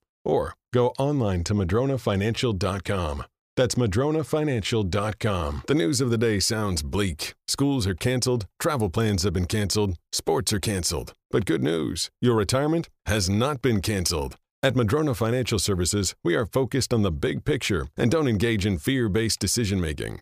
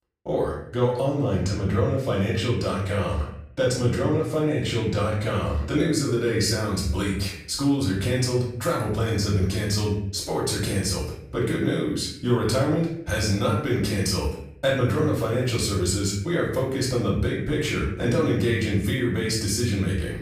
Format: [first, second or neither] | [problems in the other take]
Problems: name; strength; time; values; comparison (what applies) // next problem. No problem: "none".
first | off-mic speech; far // room echo; noticeable; dies away in 0.6 s